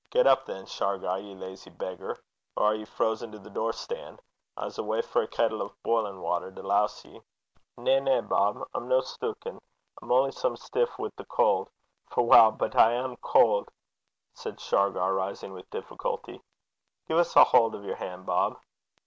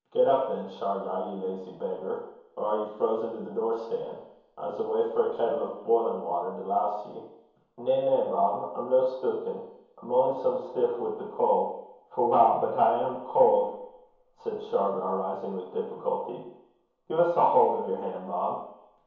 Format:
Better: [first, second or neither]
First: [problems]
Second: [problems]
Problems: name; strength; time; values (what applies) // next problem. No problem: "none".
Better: first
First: none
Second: room echo; dies away in 1 s